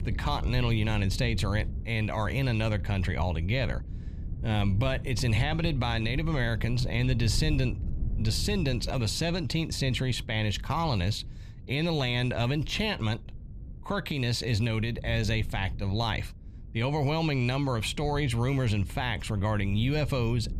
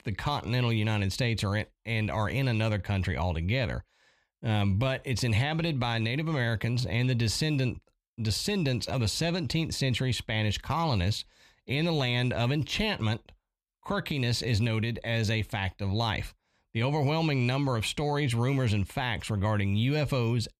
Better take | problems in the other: second | wind noise on the microphone; occasional gusts; 20 dB below the speech

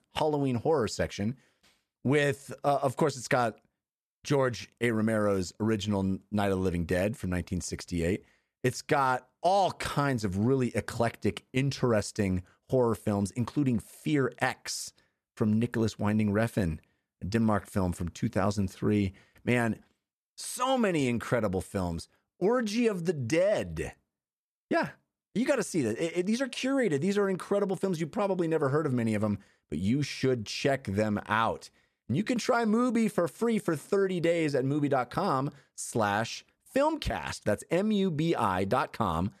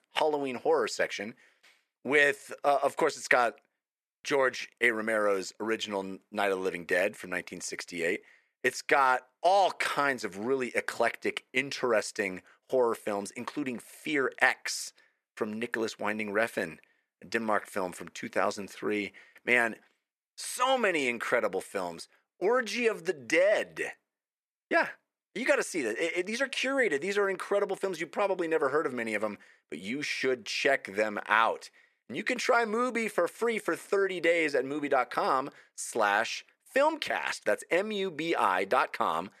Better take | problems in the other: first | thin; somewhat; fading below 450 Hz

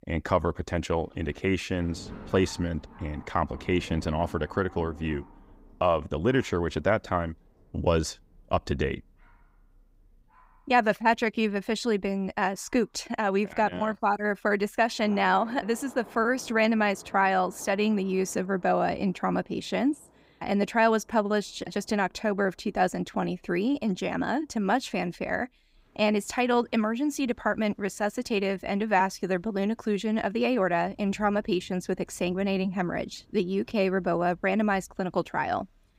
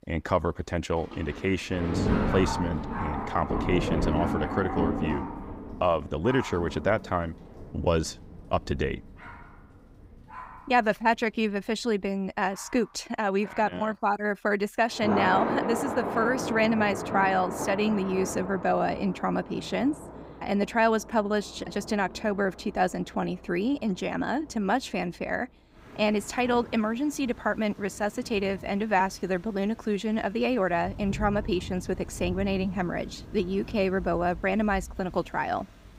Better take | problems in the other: first | rain or running water; loud; throughout; 6 dB below the speech; faint in the first

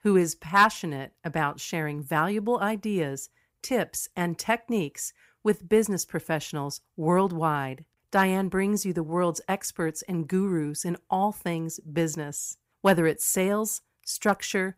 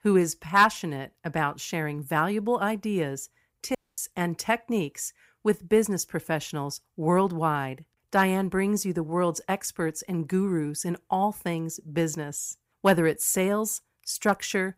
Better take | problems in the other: first | audio cutting out; at 4 s

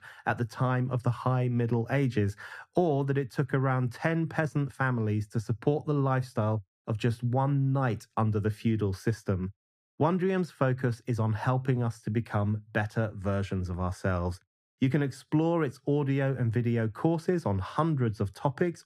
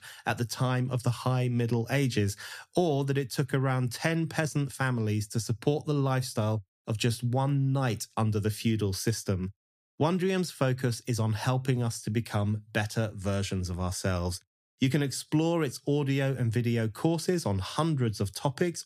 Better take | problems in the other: second | muffled; slightly; fading above 2.5 kHz

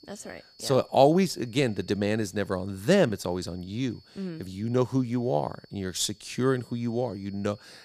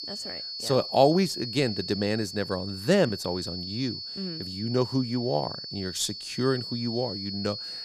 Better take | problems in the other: first | high-pitched whine; loud; throughout; 4.5 kHz, 7 dB below the speech; faint in the first

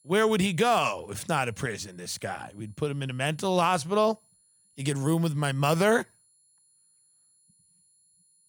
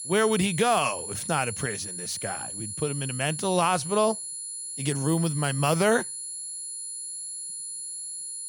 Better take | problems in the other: first | high-pitched whine; loud; throughout; 10.5 kHz, 6 dB below the speech; faint in the first

